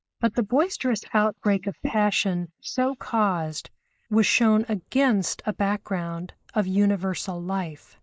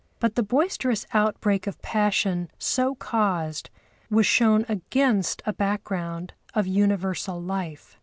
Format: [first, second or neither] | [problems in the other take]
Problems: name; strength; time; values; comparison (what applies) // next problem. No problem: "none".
second | noise reduction (neural mask model Resemble Enhance denoiser)